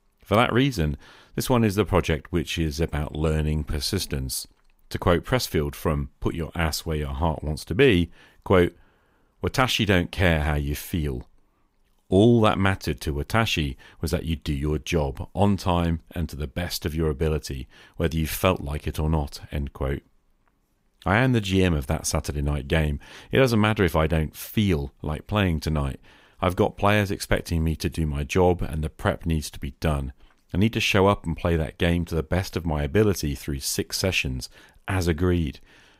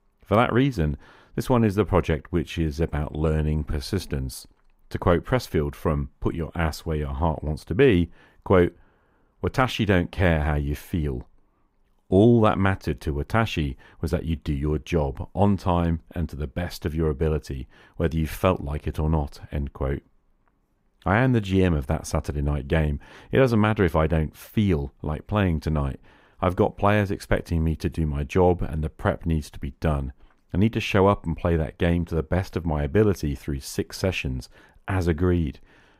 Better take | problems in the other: first | muffled; slightly; fading above 2.5 kHz

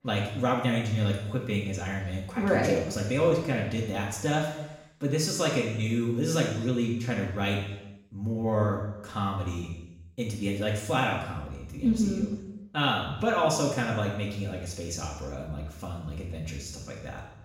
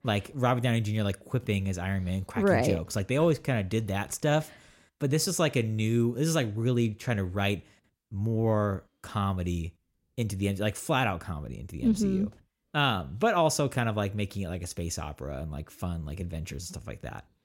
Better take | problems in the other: second | room echo; noticeable; dies away in 0.9 s // off-mic speech; far

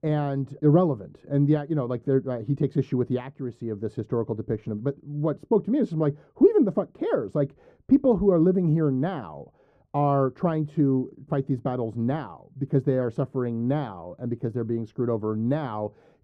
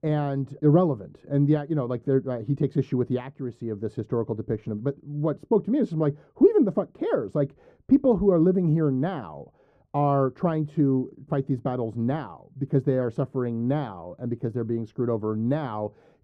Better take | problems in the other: neither | muffled; very; fading above 1 kHz; the same in both

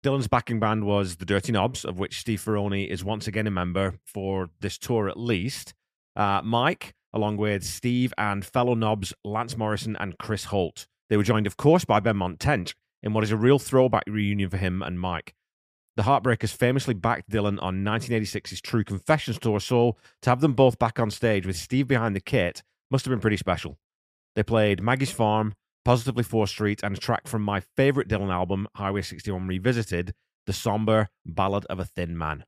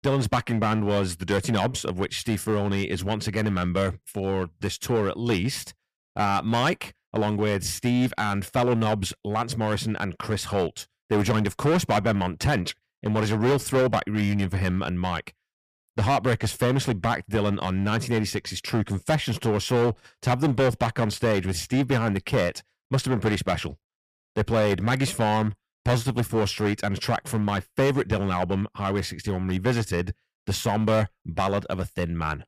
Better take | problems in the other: first | distortion; heavy; 8% of the sound clipped

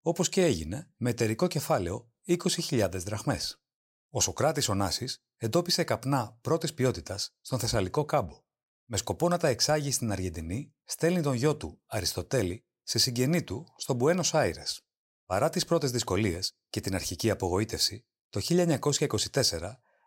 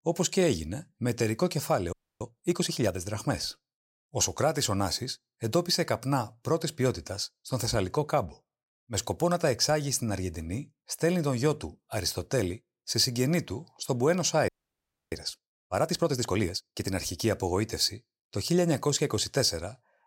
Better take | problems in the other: first | audio freezing; at 2 s and at 14 s for 0.5 s

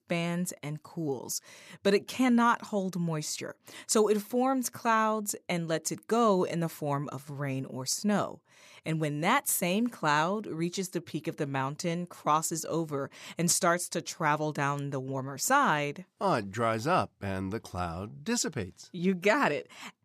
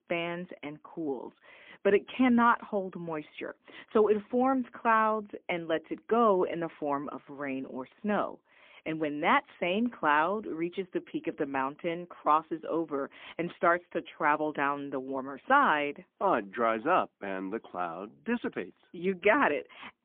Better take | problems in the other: first | phone-call audio; poor line; nothing above 3 kHz

